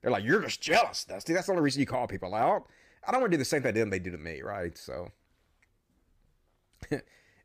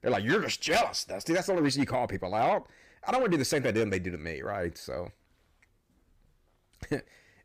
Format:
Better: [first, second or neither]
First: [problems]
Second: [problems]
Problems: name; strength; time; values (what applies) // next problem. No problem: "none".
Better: first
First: none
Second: distortion; slight; 10 dB below the speech